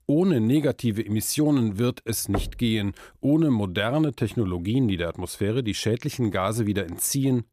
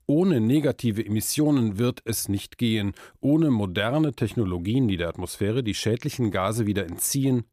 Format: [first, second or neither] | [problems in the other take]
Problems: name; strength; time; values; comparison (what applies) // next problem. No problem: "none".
second | door banging; noticeable; at 2.5 s; peak 9 dB below the speech